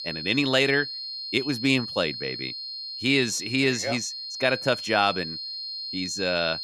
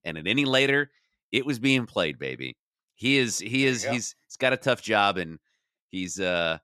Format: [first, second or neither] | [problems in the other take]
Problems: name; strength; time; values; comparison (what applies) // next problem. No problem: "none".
second | high-pitched whine; loud; throughout; 4 kHz, 7 dB below the speech